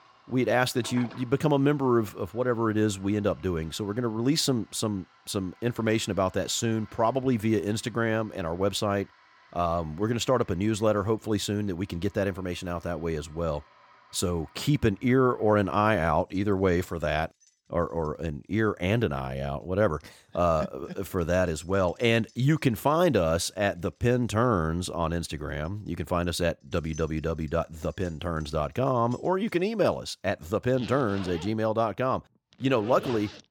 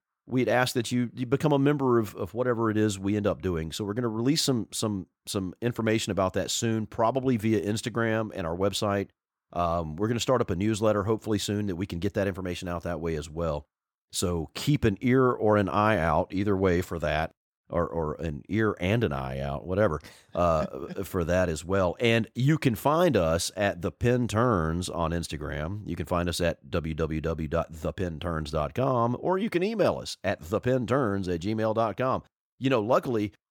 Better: second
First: household noises; faint; throughout; 25 dB below the speech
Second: none

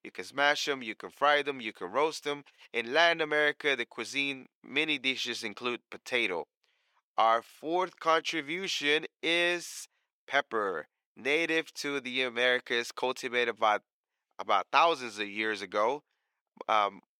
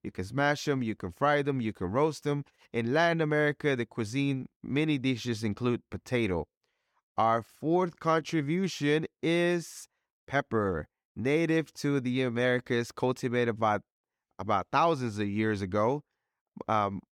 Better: second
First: thin; somewhat; fading below 500 Hz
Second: none

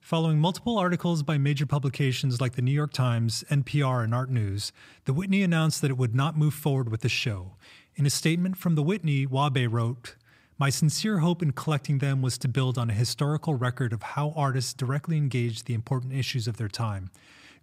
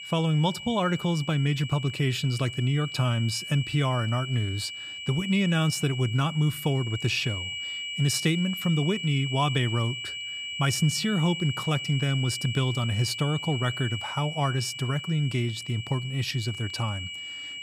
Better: first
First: none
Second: high-pitched whine; loud; throughout; 3 kHz, 7 dB below the speech

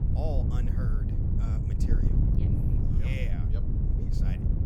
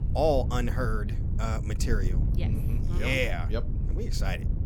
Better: second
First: wind noise on the microphone; heavy; 2 dB above the speech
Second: wind noise on the microphone; occasional gusts; 15 dB below the speech

